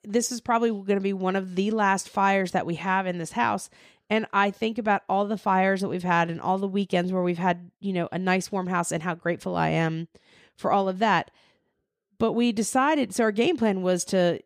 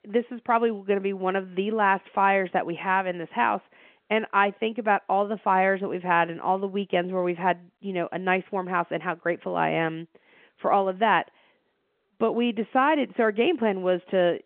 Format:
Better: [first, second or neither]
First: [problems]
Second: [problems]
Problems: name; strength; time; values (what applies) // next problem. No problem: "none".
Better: first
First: none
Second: phone-call audio